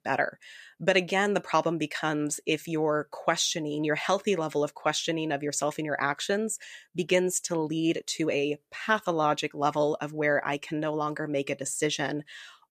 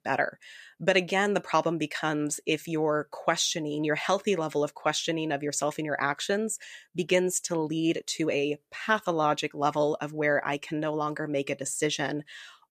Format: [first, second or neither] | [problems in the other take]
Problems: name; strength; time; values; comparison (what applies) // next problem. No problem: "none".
neither | none